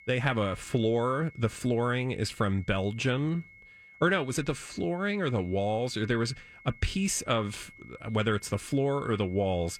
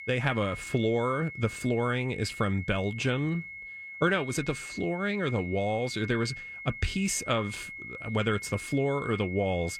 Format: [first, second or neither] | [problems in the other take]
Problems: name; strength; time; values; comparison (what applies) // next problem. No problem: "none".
first | high-pitched whine; loud; throughout; 2 kHz, 10 dB below the speech; faint in the first